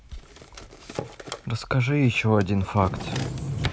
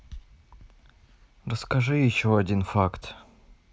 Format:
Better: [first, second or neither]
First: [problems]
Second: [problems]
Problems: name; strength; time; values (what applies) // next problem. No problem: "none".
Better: second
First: background sound (Drawer open or close); 8 dB below the speech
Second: none